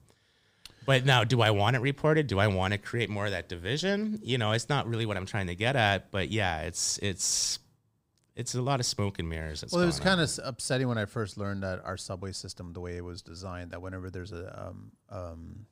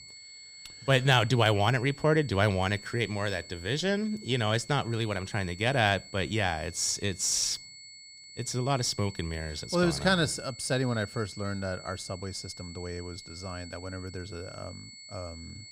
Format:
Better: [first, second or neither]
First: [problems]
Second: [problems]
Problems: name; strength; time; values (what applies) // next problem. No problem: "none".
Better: first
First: none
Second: high-pitched whine; noticeable; throughout; 4.5 kHz, 15 dB below the speech